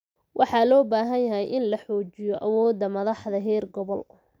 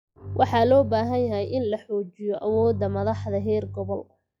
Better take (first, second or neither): first